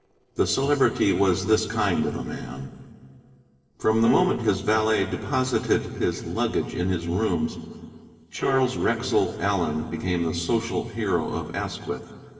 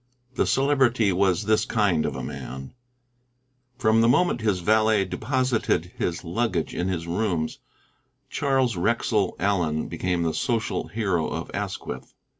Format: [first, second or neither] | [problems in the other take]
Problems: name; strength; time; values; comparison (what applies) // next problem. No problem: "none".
second | noise reduction (neural separator model SepFormer DNS4)